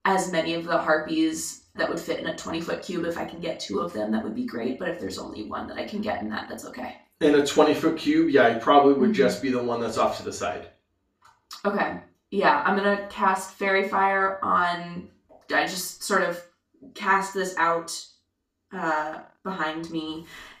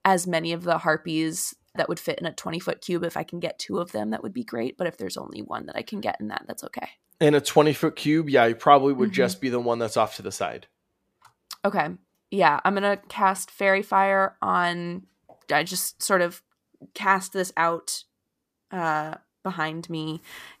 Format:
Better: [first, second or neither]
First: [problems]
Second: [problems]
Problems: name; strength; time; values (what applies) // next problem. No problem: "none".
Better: second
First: room echo; slight; dies away in 0.3 s // off-mic speech; far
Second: none